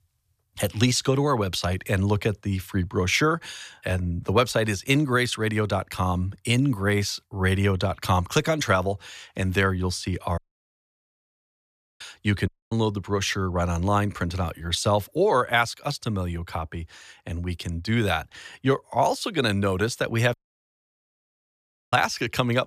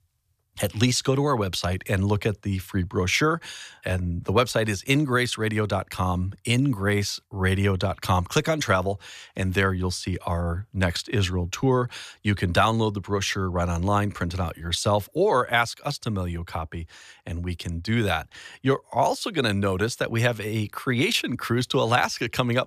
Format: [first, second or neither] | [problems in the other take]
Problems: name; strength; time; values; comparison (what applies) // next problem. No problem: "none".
second | audio cutting out; at 10 s for 1.5 s, at 12 s and at 20 s for 1.5 s